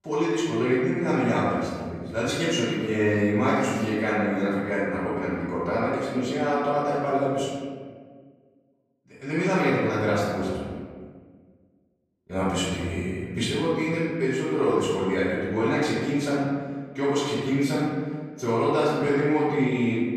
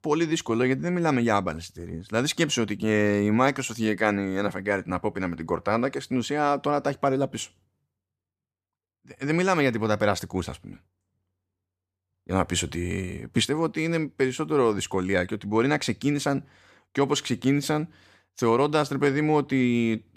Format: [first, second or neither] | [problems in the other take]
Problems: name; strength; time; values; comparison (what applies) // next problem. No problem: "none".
second | off-mic speech; far // room echo; strong; dies away in 1.6 s